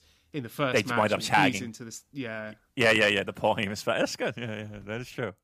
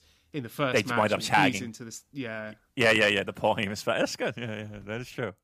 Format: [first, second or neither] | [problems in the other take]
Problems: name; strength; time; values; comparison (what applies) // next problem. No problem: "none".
neither | none